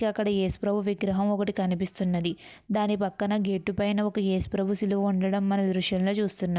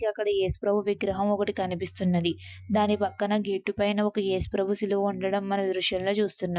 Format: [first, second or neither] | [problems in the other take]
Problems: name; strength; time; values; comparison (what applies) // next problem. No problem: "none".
first | noise reduction (classical method Wiener filter)